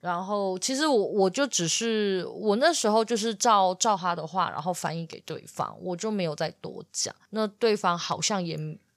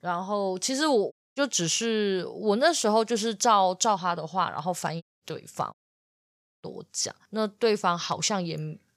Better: first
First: none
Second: audio cutting out; at 1 s, at 5 s and at 5.5 s for 1 s

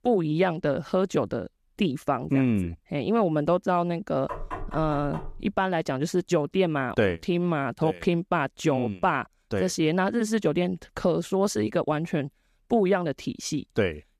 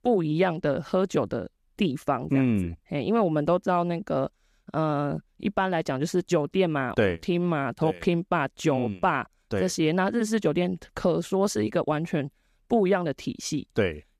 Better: second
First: door banging; noticeable; from 4.5 to 5.5 s; peak 10 dB below the speech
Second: none

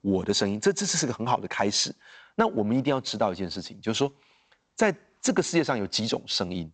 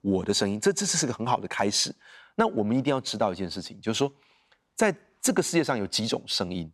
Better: second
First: garbled, watery; slightly; nothing above 7.5 kHz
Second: none

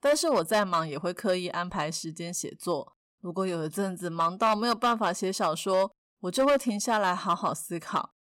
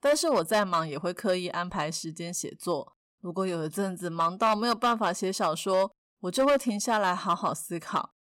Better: neither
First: distortion; slight; 4% of the sound clipped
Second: distortion; slight; 4% of the sound clipped

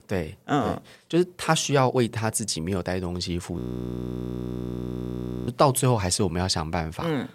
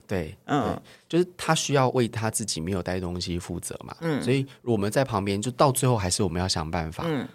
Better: second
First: audio freezing; at 3.5 s for 2 s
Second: none

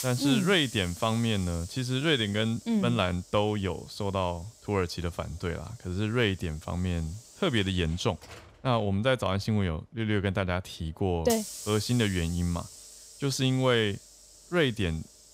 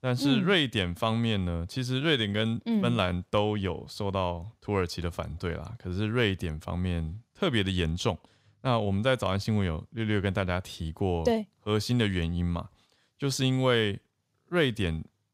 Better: second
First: hiss; noticeable; throughout; 15 dB below the speech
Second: none

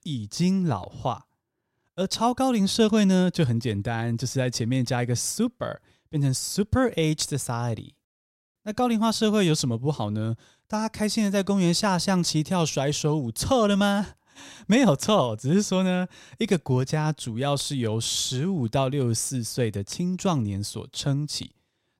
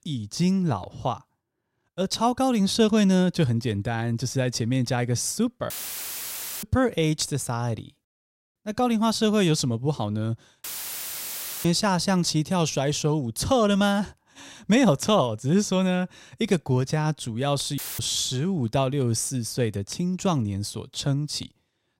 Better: first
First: none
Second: audio cutting out; filled with static; at 5.5 s for 1 s, at 11 s for 1 s and at 18 s

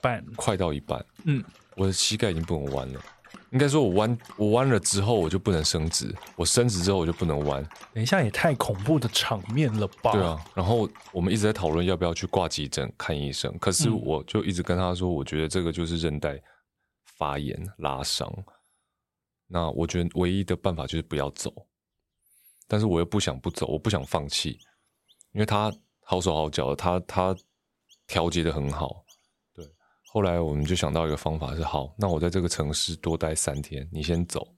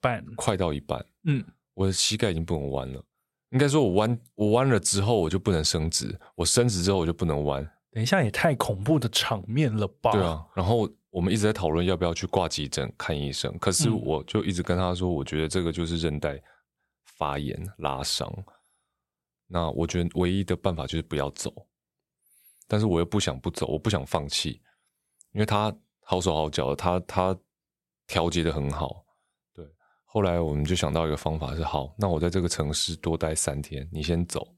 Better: second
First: animal sounds; faint; throughout; 25 dB below the speech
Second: none

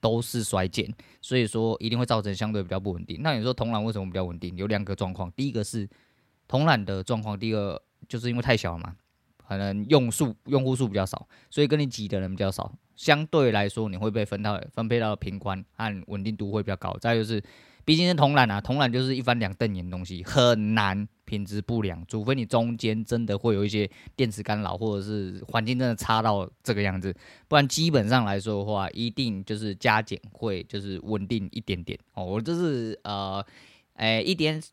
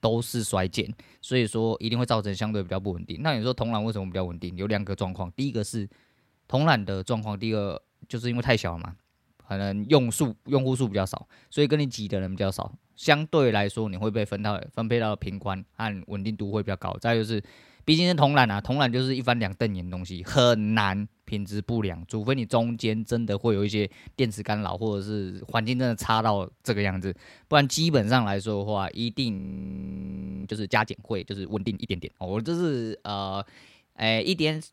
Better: first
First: none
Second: audio freezing; at 29 s for 1 s

